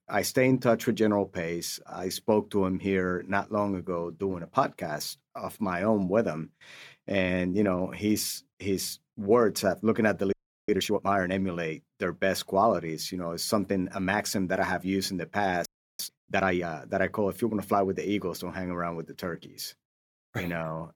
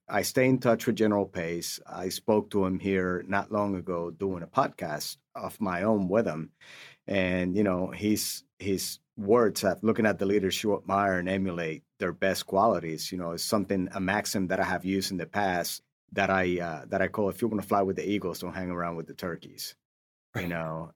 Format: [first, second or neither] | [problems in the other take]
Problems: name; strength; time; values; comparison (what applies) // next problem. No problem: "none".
second | audio freezing; at 10 s and at 16 s